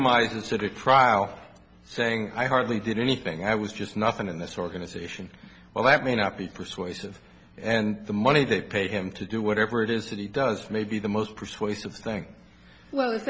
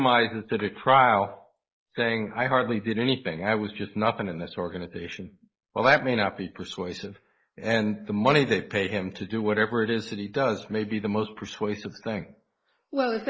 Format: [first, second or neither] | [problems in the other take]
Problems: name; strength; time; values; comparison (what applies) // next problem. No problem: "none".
first | noise reduction (neural mask model Resemble Enhance denoiser)